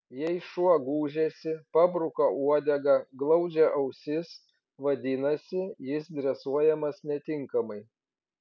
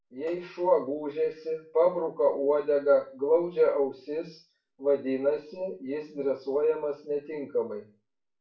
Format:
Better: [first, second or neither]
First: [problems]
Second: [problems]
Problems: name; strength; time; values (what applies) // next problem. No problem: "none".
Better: first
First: none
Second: room echo; dies away in 0.3 s